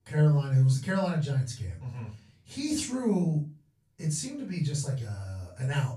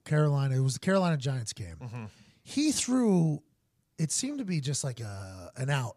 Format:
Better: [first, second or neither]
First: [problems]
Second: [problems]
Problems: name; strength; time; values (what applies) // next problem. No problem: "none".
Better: second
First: off-mic speech; far // room echo; slight; dies away in 0.3 s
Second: none